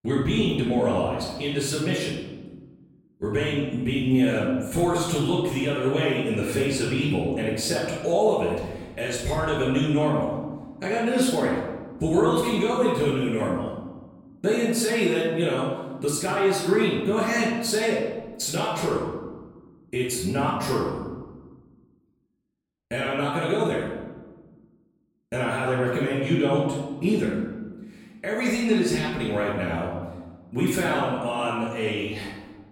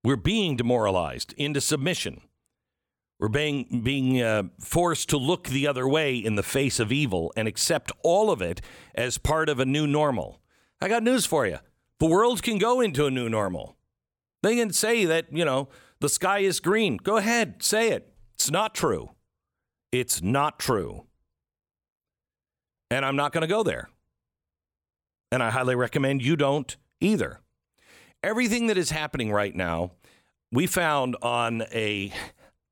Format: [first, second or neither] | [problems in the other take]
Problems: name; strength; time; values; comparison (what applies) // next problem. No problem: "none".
second | off-mic speech; far // room echo; noticeable; dies away in 1.2 s